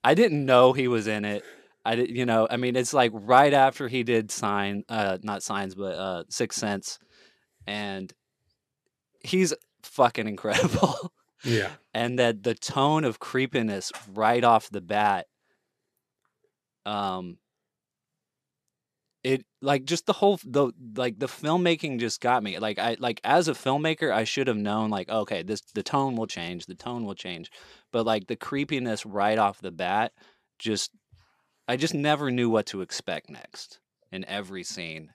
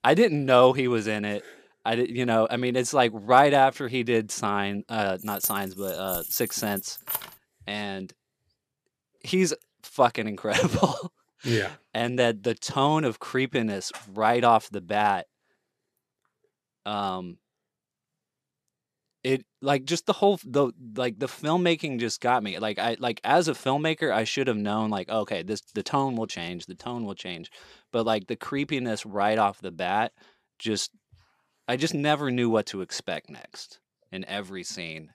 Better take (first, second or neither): first